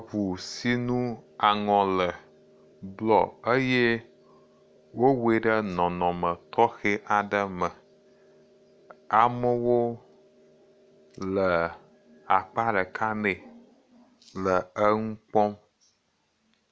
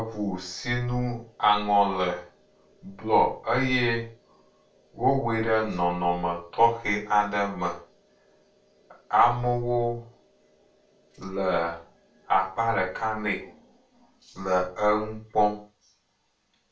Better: first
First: none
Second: room echo; dies away in 0.3 s

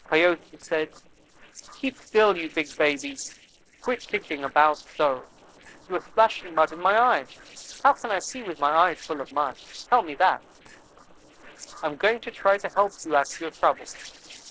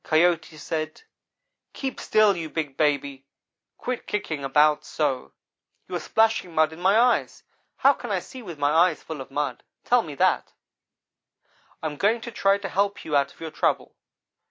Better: second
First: noise reduction (neural separator model SepFormer DNS4)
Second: none

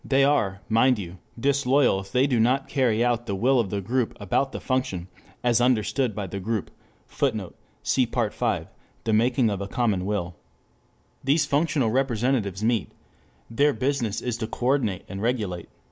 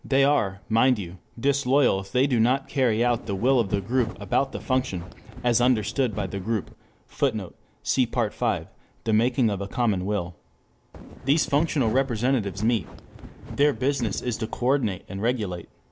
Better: first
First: none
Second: background sound (Wind); 12 dB below the speech

